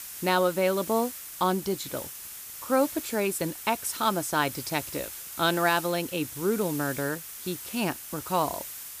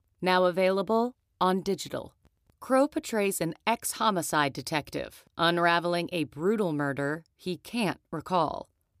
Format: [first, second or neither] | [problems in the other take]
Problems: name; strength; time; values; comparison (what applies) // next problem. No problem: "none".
second | hiss; loud; throughout; 9 dB below the speech